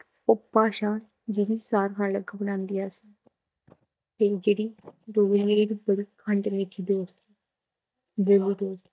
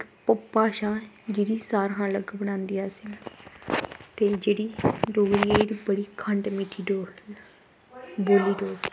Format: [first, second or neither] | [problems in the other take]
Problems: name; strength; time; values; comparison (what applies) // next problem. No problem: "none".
second | noise reduction (neural mask model DeepFilterNet 3)